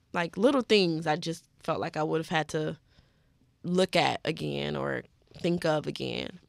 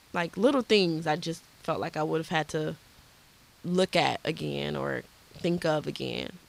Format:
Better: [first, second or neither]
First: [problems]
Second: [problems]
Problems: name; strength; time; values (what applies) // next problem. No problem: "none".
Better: first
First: none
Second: hiss; faint; throughout; 25 dB below the speech